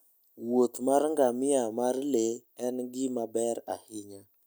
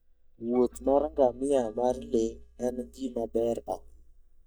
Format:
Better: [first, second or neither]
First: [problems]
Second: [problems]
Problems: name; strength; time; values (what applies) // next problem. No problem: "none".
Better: first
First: none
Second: noise reduction (neural mask model DeepFilterNet 3)